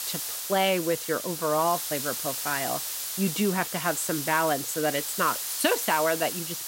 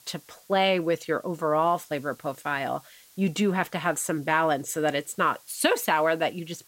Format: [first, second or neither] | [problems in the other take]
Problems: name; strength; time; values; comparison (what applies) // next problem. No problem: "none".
second | hiss; loud; throughout; 3 dB below the speech; faint in the second